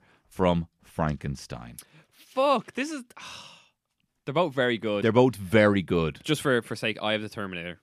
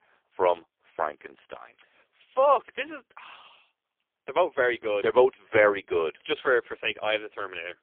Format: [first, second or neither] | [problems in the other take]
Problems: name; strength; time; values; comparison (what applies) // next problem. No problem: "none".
first | phone-call audio; poor line; nothing above 3.5 kHz